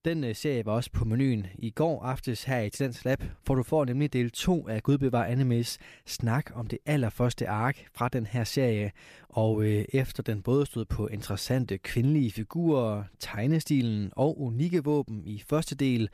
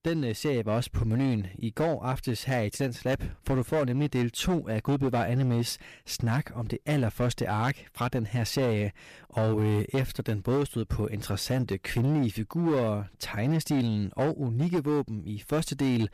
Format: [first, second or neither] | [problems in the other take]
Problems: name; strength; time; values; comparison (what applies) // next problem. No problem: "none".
first | distortion; slight; 11% of the sound clipped